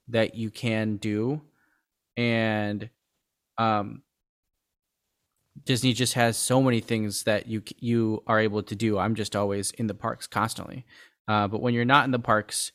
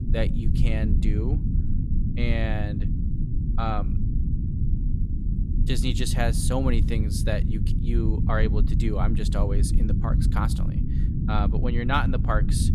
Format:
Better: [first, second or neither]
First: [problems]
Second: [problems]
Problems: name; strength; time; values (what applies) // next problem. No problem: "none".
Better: first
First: none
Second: low rumble; loud; throughout; 8 dB below the speech